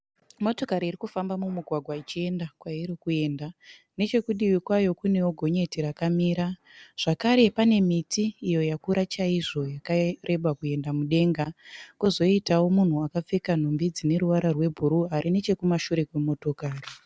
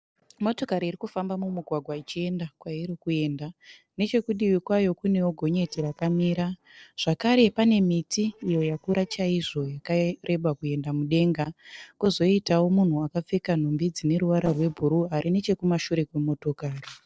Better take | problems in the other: first | noise reduction (neural separator model SepFormer DNS4)

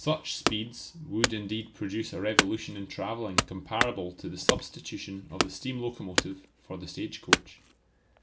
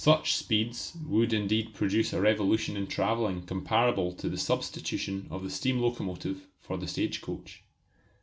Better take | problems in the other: second | background sound (Wood / Domestic sounds, home sounds); 2 dB above the speech

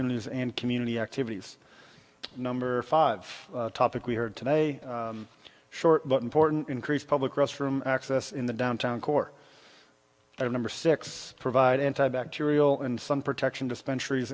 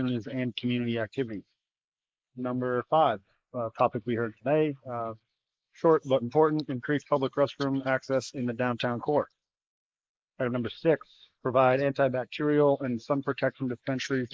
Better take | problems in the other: first | noise reduction (neural mask model Resemble Enhance denoiser)

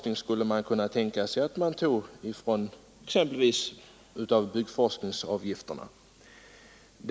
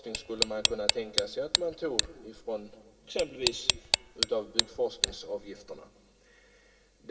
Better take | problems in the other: first | background sound (Tick); 4 dB above the speech // room echo; dies away in 2.9 s

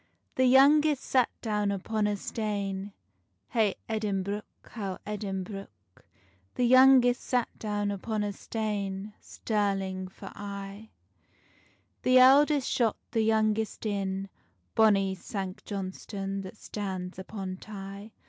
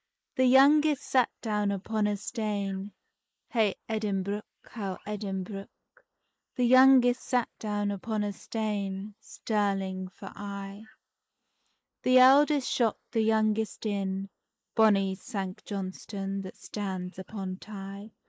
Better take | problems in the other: first | noise reduction (neural mask model Resemble Enhance denoiser)

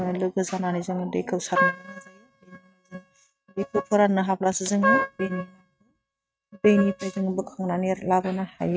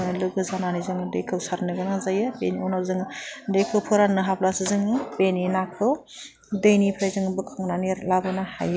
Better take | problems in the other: second | noise reduction (neural mask model RNNoise)

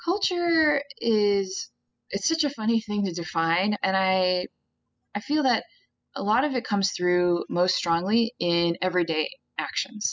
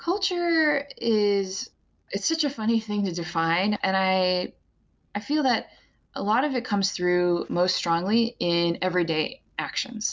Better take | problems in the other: second | noise reduction (classical method spectral subtraction)

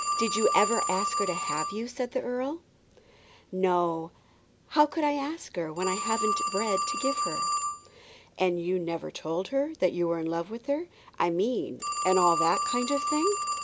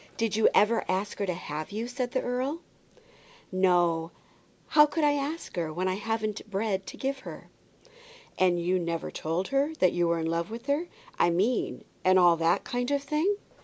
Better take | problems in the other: second | background sound (Telephone); 4 dB below the speech

